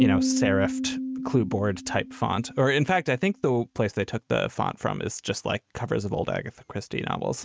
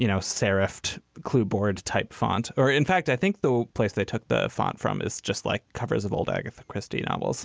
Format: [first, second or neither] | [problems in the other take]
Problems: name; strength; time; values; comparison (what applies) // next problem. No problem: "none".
second | noise reduction (neural mask model RNNoise)